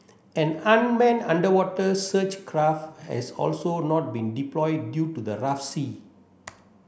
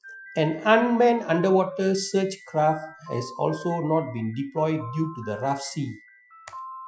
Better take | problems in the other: first | noise reduction (classical method Wiener filter)

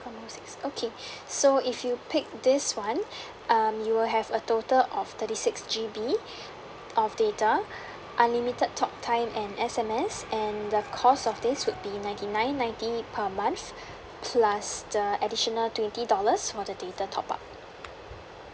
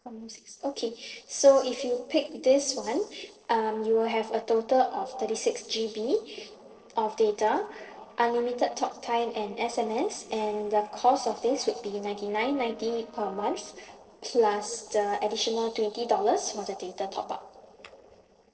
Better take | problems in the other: first | noise reduction (neural separator model SepFormer DNS4)

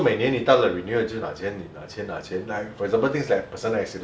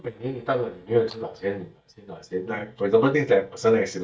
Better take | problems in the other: first | noise reduction (neural mask model DeepFilterNet 3)

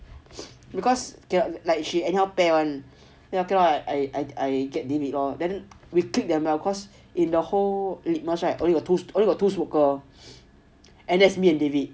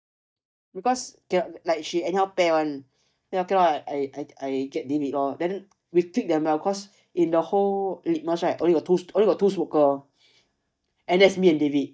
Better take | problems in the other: first | noise reduction (neural mask model DeepFilterNet 3)

